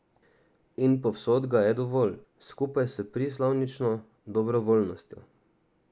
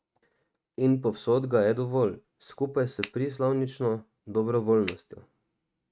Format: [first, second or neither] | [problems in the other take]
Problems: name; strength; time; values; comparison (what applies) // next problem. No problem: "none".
first | noise reduction (neural mask model RNNoise)